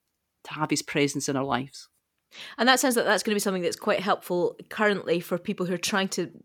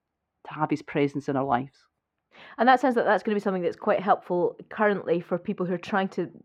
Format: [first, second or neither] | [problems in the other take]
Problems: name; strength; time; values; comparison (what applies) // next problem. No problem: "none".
first | muffled; very; fading above 4 kHz